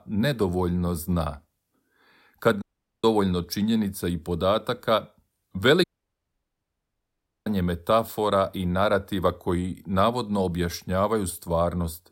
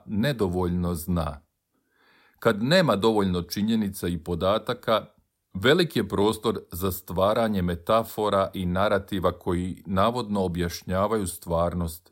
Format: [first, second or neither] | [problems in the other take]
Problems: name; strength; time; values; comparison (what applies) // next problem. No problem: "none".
second | audio cutting out; at 2.5 s and at 6 s for 1.5 s